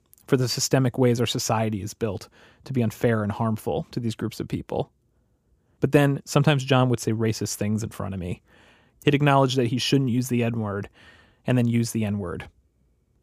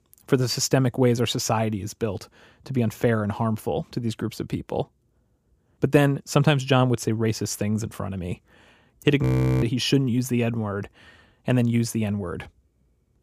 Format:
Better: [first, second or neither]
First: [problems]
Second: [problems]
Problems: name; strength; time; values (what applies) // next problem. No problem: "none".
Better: first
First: none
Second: audio freezing; at 9 s